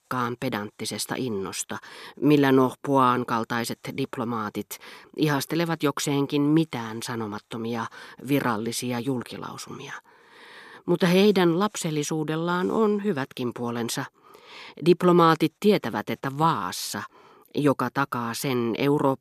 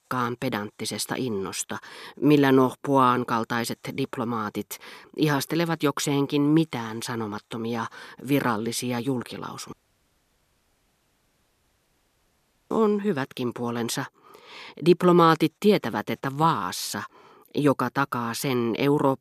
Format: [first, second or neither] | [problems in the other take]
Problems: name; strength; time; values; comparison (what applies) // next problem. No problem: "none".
first | audio cutting out; at 9.5 s for 3 s